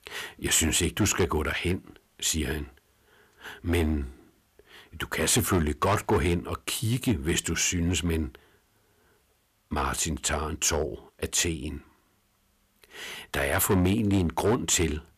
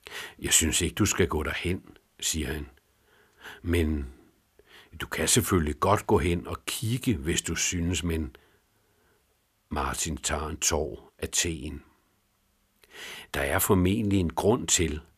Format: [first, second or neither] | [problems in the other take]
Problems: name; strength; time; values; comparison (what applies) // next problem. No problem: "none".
second | distortion; slight; 4% of the sound clipped